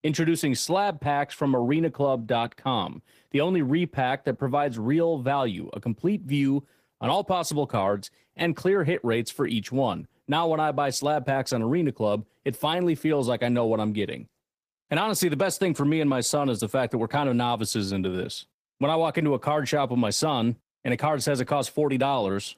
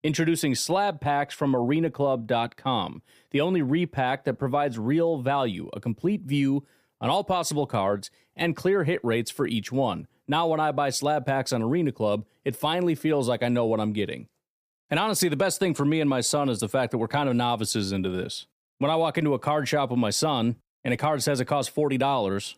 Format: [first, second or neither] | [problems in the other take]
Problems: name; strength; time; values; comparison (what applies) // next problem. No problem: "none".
second | garbled, watery; slightly; nothing above 15 kHz